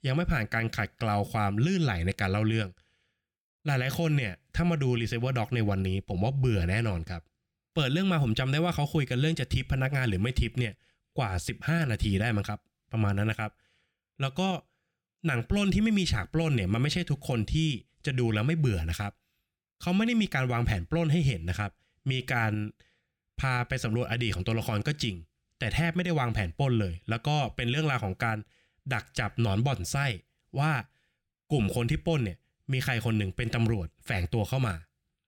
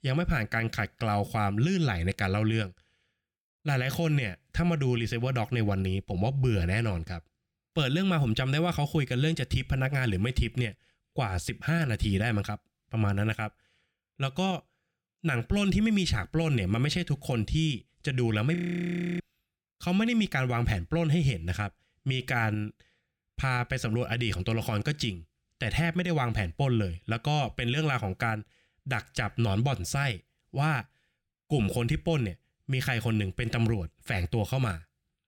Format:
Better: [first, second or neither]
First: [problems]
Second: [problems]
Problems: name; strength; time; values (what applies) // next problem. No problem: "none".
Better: first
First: none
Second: audio freezing; at 19 s for 0.5 s